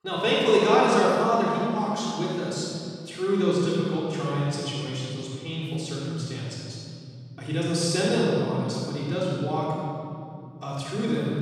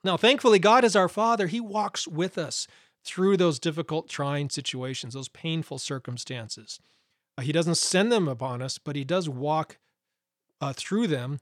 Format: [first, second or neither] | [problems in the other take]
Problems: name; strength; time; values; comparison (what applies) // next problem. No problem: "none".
second | off-mic speech; far // room echo; strong; dies away in 2.7 s